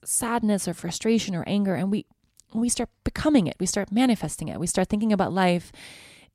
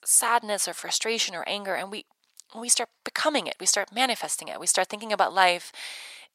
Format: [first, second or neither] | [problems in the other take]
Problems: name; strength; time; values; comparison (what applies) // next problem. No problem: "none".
first | thin; very; fading below 850 Hz